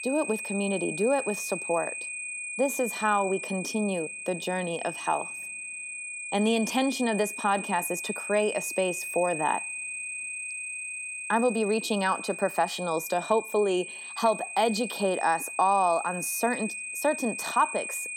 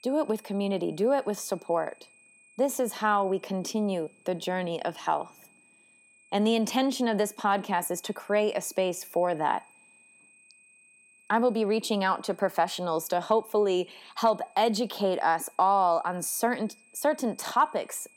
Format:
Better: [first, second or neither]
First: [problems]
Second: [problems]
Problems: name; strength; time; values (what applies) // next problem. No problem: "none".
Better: second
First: high-pitched whine; loud; throughout; 2.5 kHz, 6 dB below the speech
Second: high-pitched whine; faint; throughout; 2.5 kHz, 30 dB below the speech